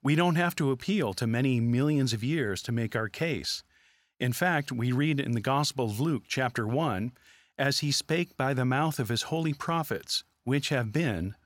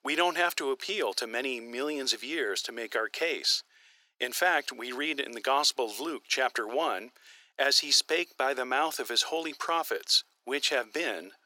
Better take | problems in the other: first | thin; very; fading below 350 Hz

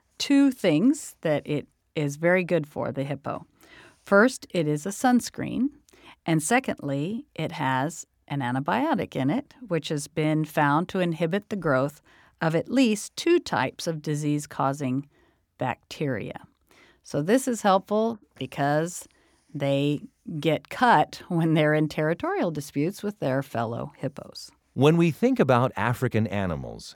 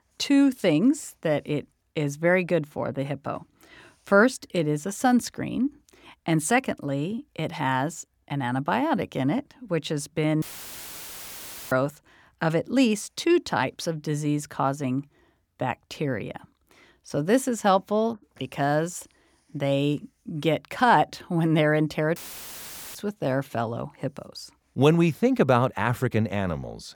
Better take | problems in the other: first | audio cutting out; filled with static; at 10 s for 1.5 s and at 22 s for 1 s

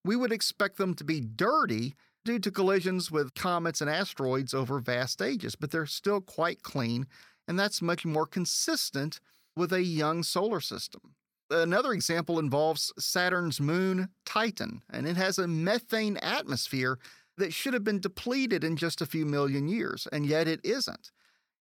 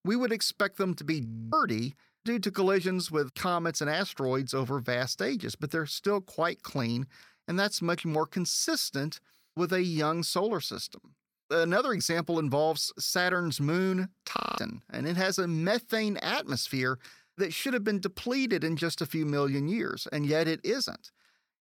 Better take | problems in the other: first | audio freezing; at 1.5 s and at 14 s

